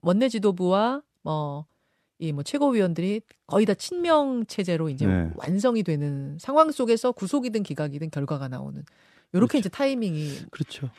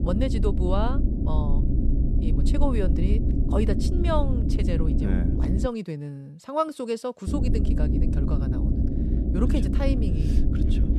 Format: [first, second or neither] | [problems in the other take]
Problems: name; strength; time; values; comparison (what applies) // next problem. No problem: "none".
first | low rumble; loud; until 5.5 s and from 7.5 s on; 4 dB below the speech